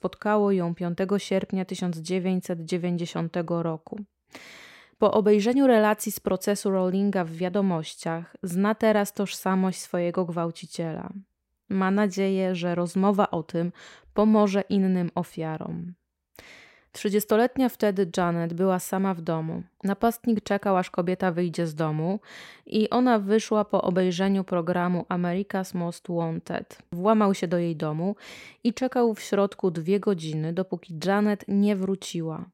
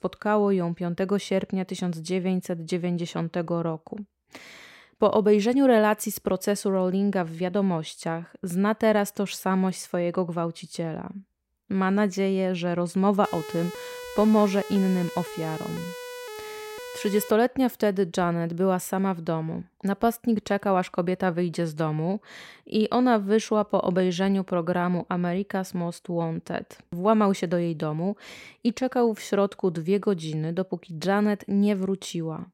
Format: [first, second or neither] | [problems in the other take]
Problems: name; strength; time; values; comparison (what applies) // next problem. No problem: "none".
first | siren; faint; from 13 to 17 s; peak 10 dB below the speech